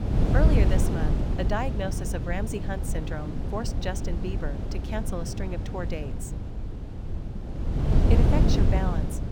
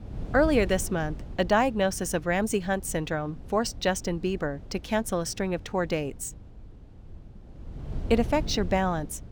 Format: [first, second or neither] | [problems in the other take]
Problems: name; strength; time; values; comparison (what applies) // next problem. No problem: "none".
second | wind noise on the microphone; heavy; 3 dB below the speech; occasional gusts in the second